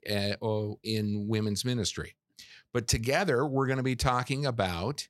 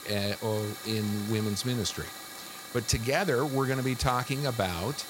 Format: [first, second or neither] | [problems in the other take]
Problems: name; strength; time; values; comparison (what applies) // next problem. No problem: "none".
first | hiss; noticeable; throughout; 10 dB below the speech